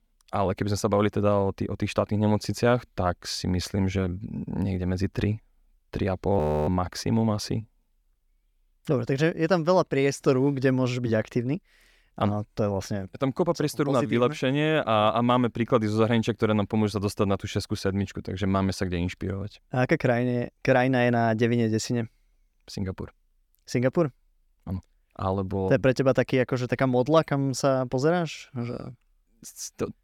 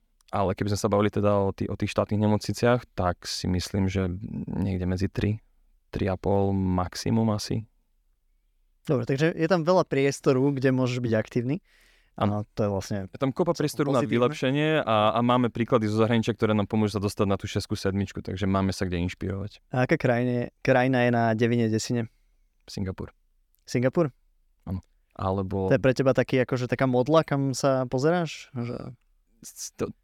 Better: second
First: audio freezing; at 6.5 s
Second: none

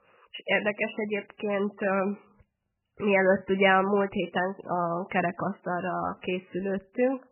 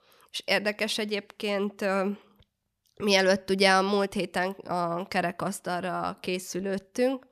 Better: second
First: garbled, watery; badly; nothing above 3 kHz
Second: none

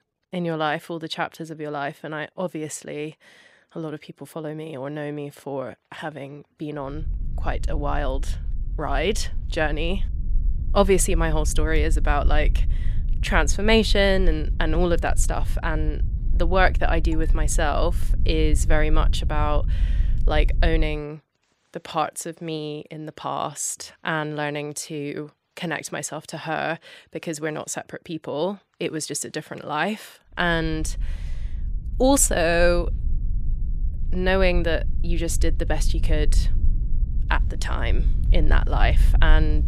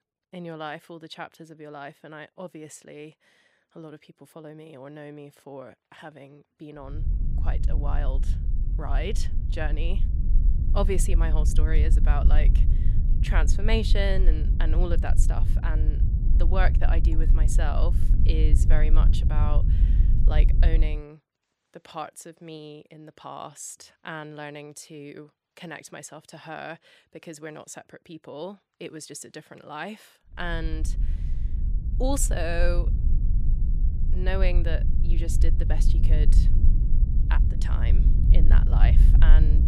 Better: first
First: low rumble; faint; from 7 to 21 s and from 30 s on; 20 dB below the speech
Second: low rumble; loud; from 7 to 21 s and from 30 s on; 7 dB below the speech

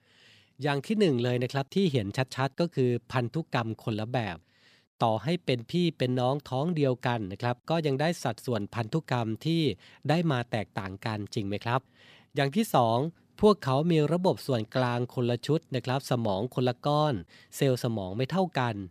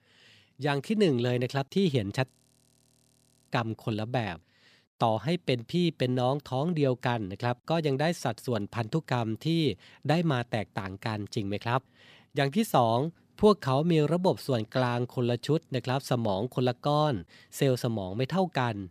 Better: first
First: none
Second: audio freezing; at 2.5 s for 1 s

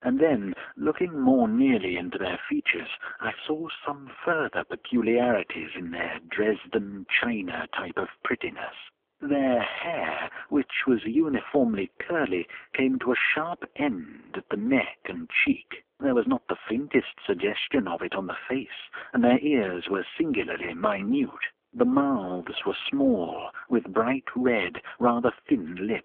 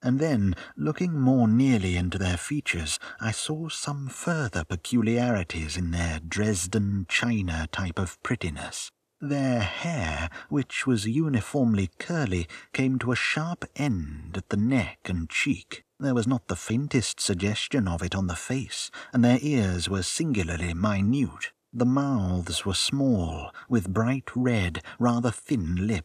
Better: second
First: phone-call audio; poor line; nothing above 3.5 kHz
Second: none

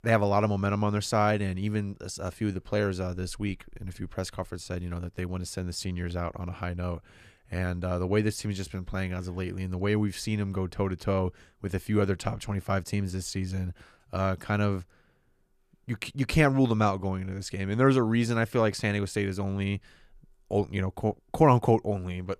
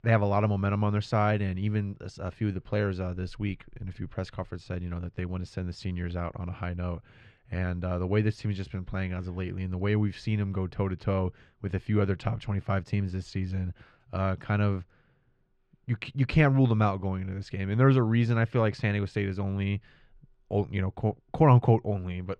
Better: first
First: none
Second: muffled; very slightly; fading above 3 kHz

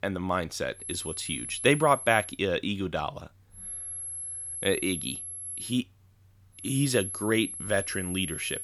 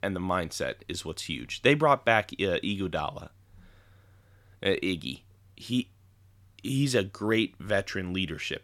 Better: second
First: high-pitched whine; loud; from 1 to 2.5 s, from 3.5 to 5.5 s and from 6.5 s on; 11 kHz, 7 dB below the speech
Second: none

